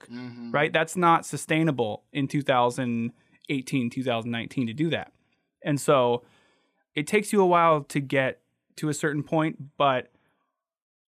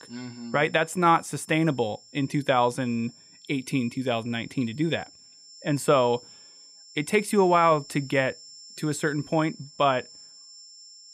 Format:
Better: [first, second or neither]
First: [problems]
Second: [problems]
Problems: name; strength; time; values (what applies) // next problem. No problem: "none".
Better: first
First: none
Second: high-pitched whine; faint; throughout; 5.5 kHz, 20 dB below the speech